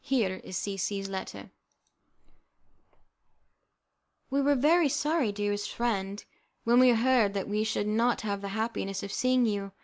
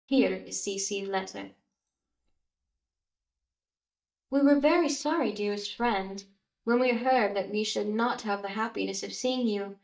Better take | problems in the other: first | noise reduction (neural mask model DeepFilterNet 3)

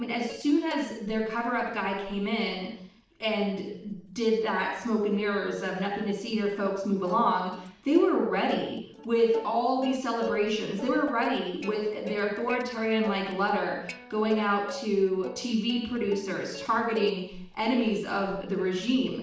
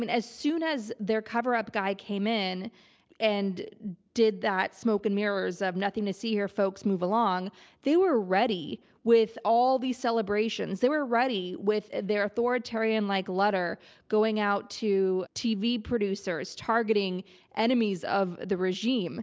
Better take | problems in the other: second | noise reduction (neural separator model SepFormer DNS4)

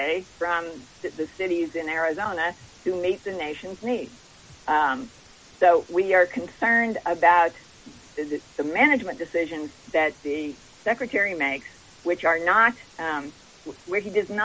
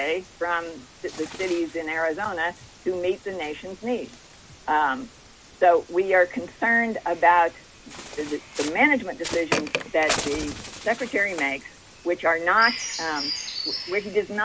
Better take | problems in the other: first | background sound (Bird); 11 dB below the speech

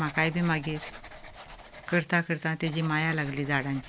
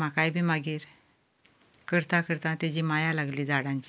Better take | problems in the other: second | background sound (Writing); 16 dB below the speech

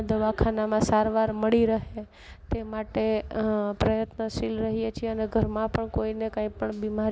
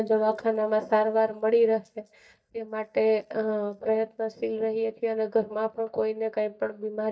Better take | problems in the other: first | noise reduction (neural mask model DeepFilterNet 3)

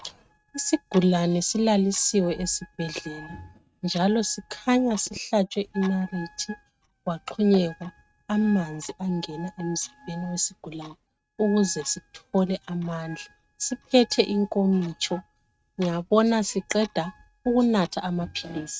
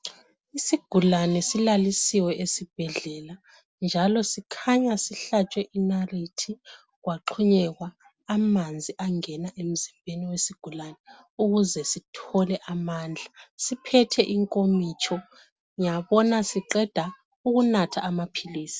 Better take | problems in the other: second | noise reduction (neural mask model RNNoise)

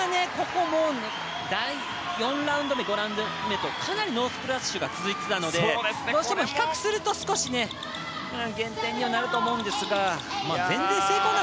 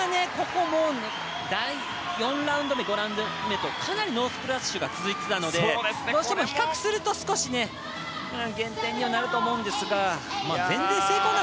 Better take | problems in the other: second | background sound (Mechanisms); 15 dB below the speech

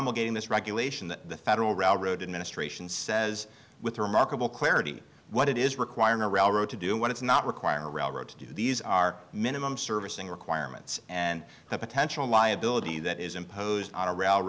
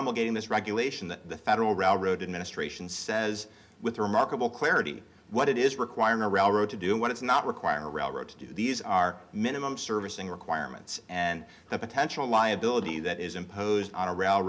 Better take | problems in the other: first | room echo; dies away in 0.3 s

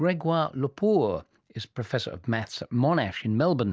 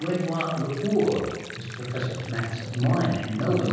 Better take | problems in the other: first | background sound (Stream); 14 dB below the speech // room echo; dies away in 1.3 s

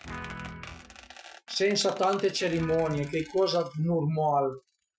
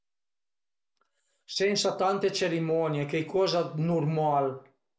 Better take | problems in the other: second | noise reduction (classical method Wiener filter)

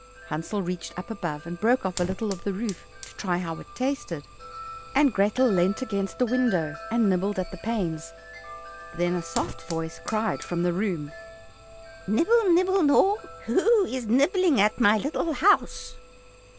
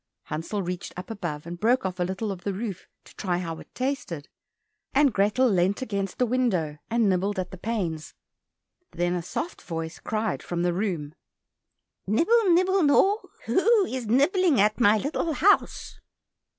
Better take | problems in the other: second | background sound (Wind chime + Fire); 16 dB below the speech

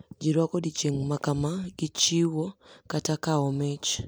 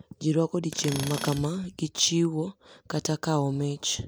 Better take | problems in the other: first | background sound (Tools); 11 dB below the speech

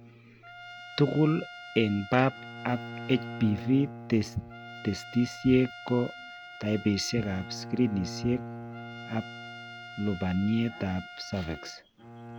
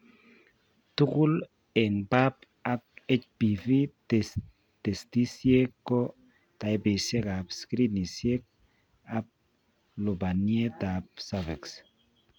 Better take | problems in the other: second | background sound (Trumpet + Bowed string instrument); 13 dB below the speech

